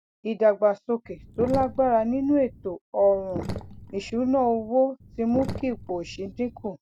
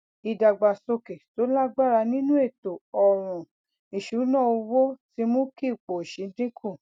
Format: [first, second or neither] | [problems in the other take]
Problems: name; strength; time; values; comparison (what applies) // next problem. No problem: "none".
second | background sound (Sink (filling or washing)); 12 dB below the speech